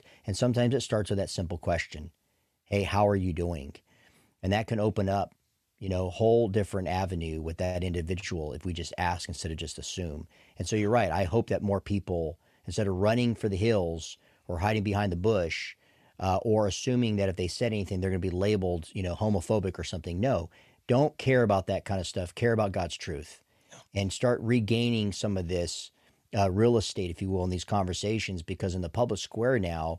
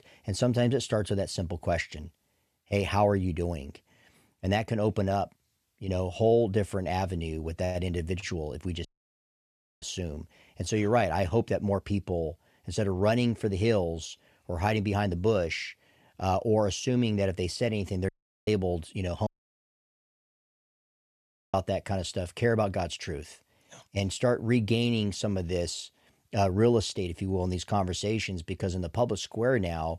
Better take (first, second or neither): first